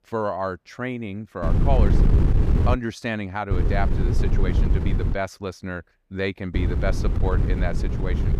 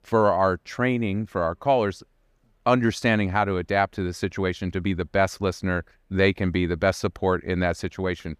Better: second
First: wind noise on the microphone; heavy; from 1.5 to 2.5 s, from 3.5 to 5 s and from 6.5 s on; 5 dB below the speech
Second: none

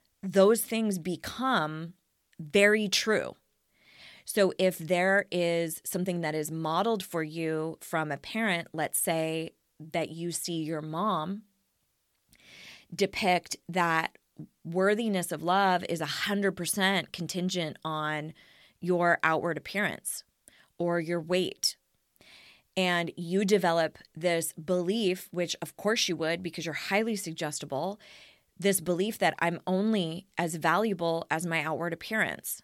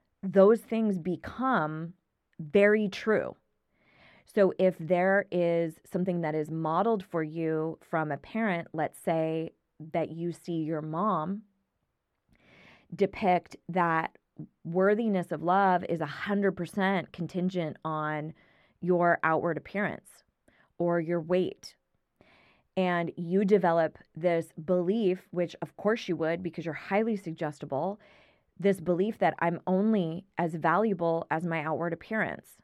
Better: first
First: none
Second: muffled; very; fading above 3 kHz

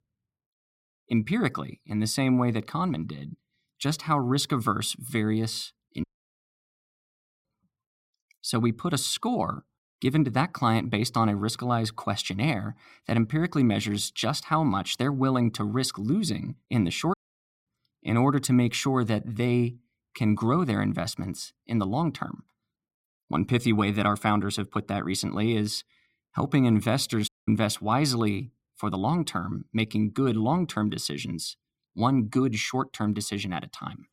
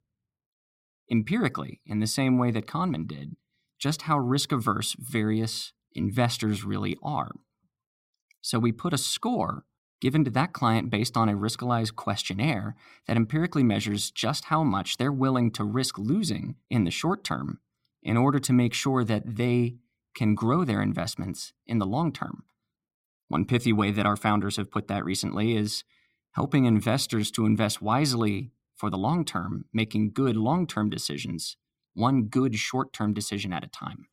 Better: second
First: audio cutting out; at 6 s for 1.5 s, at 17 s for 0.5 s and at 27 s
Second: none

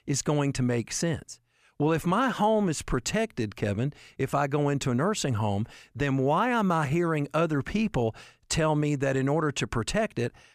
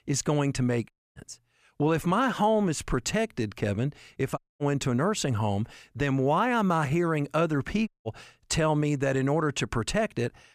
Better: first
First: none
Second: audio cutting out; at 1 s, at 4.5 s and at 8 s

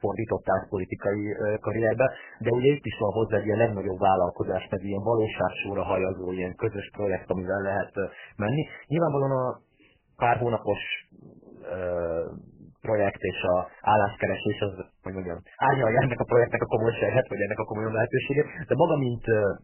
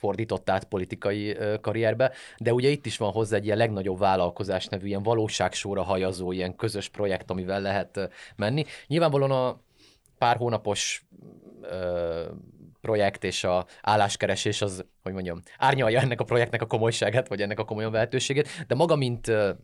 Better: second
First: garbled, watery; badly; nothing above 3 kHz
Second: none

